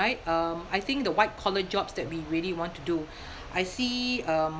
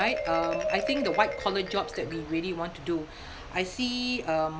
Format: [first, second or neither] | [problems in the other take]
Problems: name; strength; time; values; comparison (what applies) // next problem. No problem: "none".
first | background sound (Marimba, xylophone); 6 dB below the speech